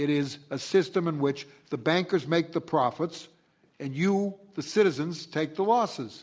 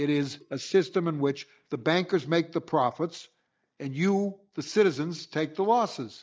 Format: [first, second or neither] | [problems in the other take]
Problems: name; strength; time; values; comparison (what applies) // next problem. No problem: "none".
first | noise reduction (neural mask model DeepFilterNet 3)